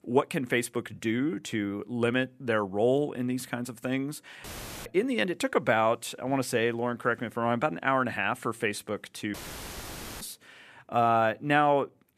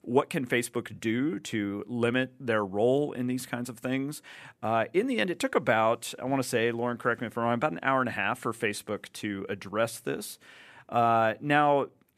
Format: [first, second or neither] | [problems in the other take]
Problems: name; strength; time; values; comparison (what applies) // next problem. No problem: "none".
second | audio cutting out; filled with static; at 4.5 s and at 9.5 s for 1 s